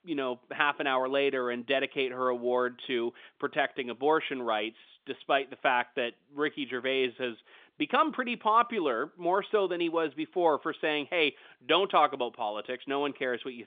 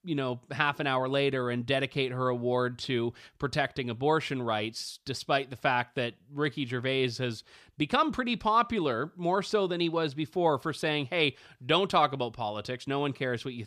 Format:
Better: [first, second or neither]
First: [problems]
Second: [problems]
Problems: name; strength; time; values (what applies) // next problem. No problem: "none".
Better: second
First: phone-call audio; nothing above 3.5 kHz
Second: none